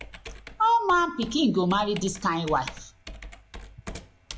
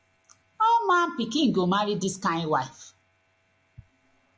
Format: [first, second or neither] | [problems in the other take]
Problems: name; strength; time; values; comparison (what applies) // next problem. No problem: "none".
second | background sound (Computer keyboard); 16 dB below the speech